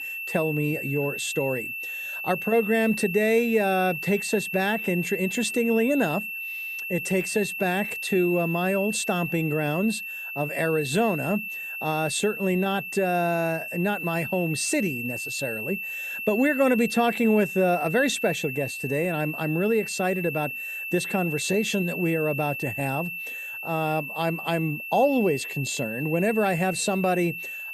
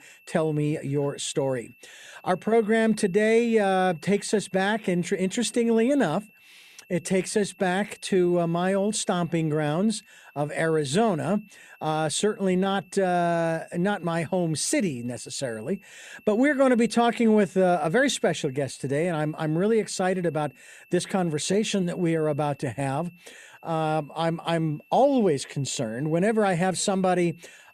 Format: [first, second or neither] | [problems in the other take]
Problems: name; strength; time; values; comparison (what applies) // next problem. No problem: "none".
second | high-pitched whine; loud; throughout; 2.5 kHz, 5 dB below the speech; faint in the second